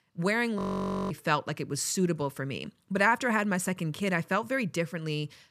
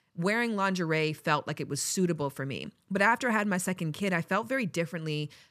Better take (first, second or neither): second